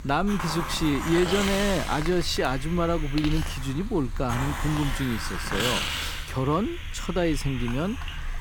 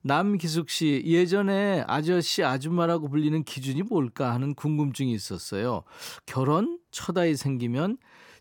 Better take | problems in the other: second | hiss; loud; throughout; 5 dB below the speech

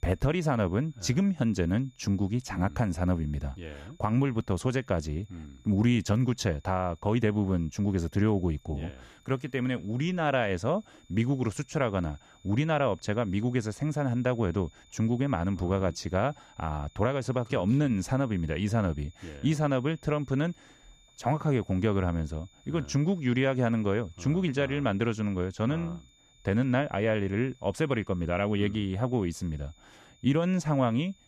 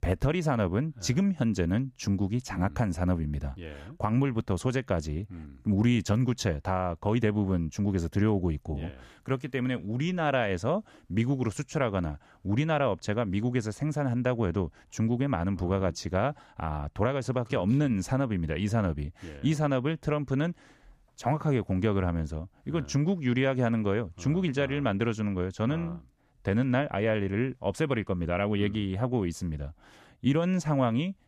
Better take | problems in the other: second | high-pitched whine; faint; throughout; 3.5 kHz, 30 dB below the speech

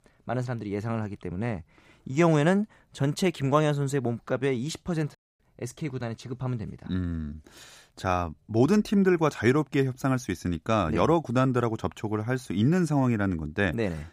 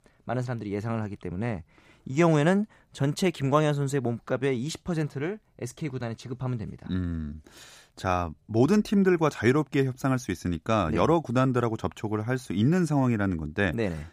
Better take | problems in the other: second | audio cutting out; at 5 s

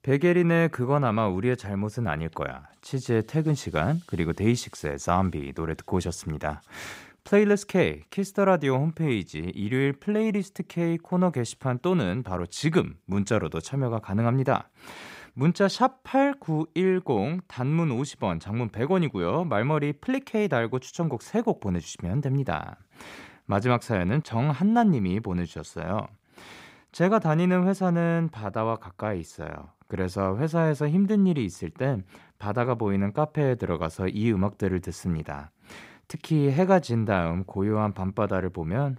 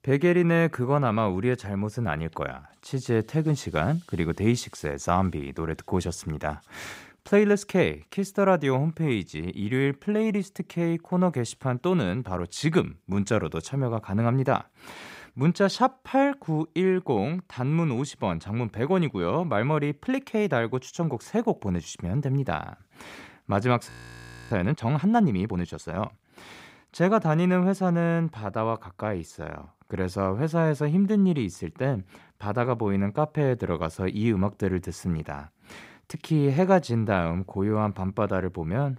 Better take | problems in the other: first | audio freezing; at 24 s for 0.5 s

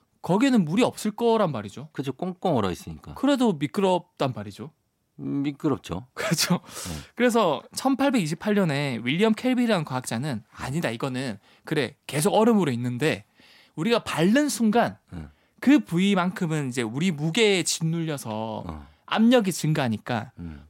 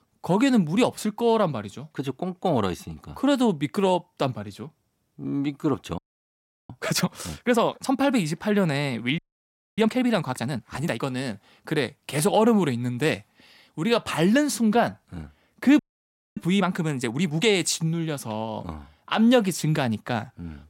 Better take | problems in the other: first | audio freezing; at 6 s for 0.5 s, at 9 s for 0.5 s and at 16 s for 0.5 s

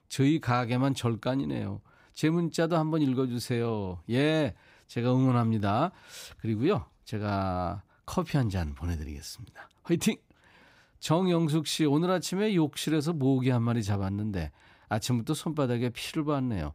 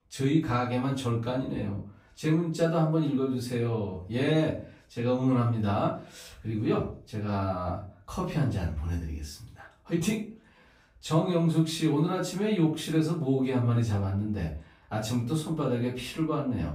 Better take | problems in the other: first | room echo; slight; dies away in 0.3 s // off-mic speech; far

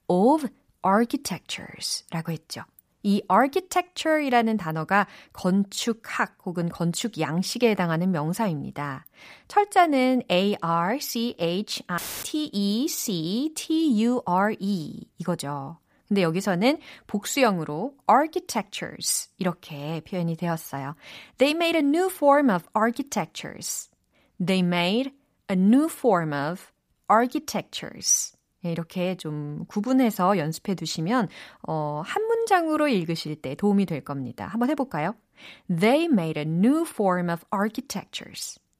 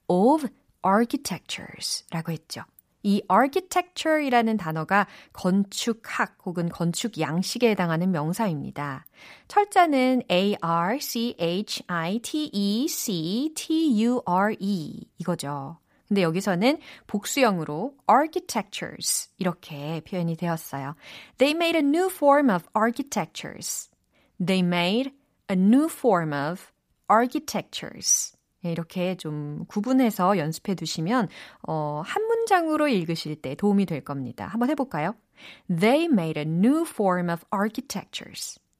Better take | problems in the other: second | audio cutting out; filled with static; at 12 s

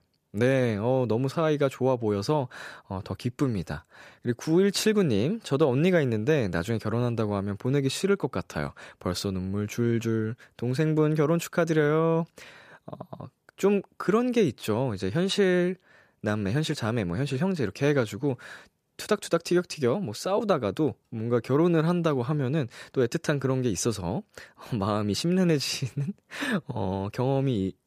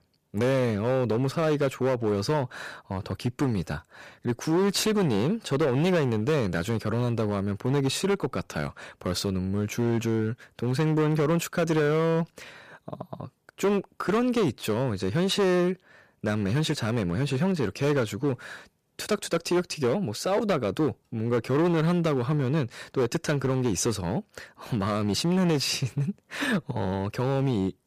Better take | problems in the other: first | distortion; slight; 10% of the sound clipped

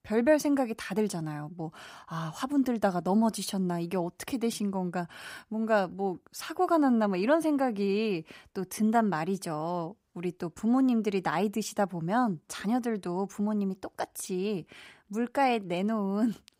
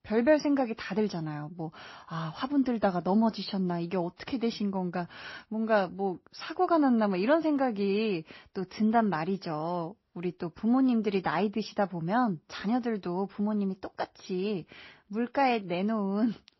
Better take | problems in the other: first | garbled, watery; slightly; nothing above 5.5 kHz

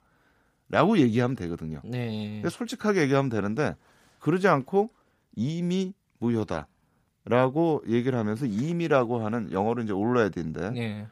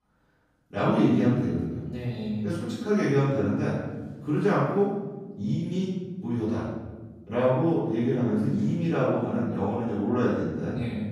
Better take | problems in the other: first | off-mic speech; far // room echo; strong; dies away in 1.4 s

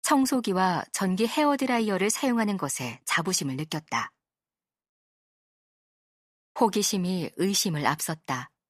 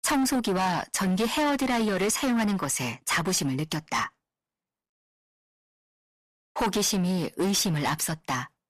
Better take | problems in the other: first | distortion; heavy; 15% of the sound clipped

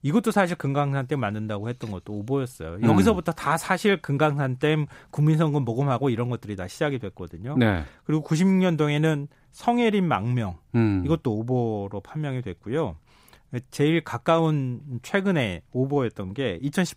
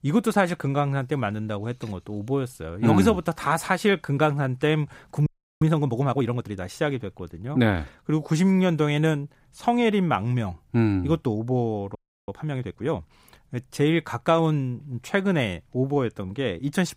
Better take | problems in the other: first | audio freezing; at 5.5 s and at 12 s

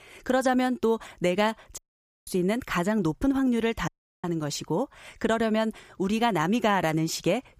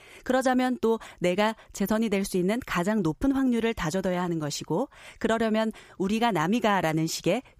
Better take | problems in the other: second | audio cutting out; at 2 s and at 4 s

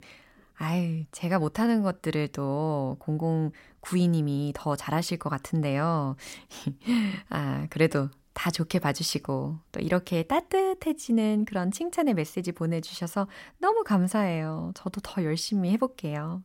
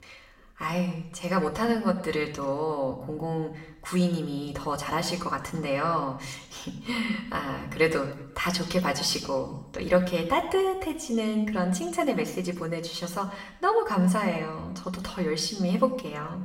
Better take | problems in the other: first | room echo; slight; dies away in 0.7 s // off-mic speech; far

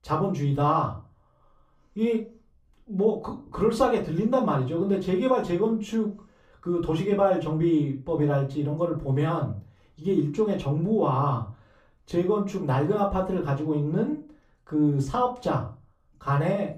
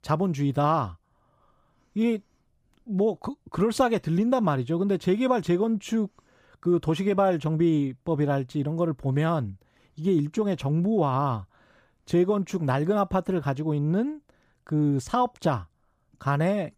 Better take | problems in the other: second | off-mic speech; far // room echo; very slight; dies away in 0.3 s

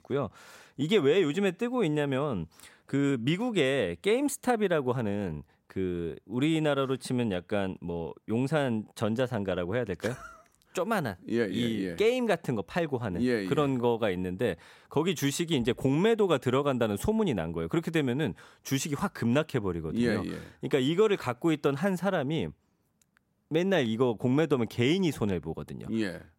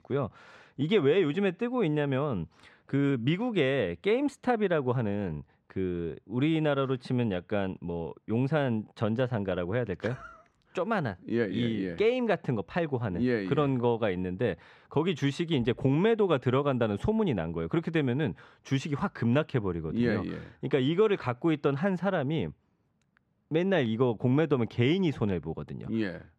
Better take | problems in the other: first | muffled; slightly; fading above 3.5 kHz

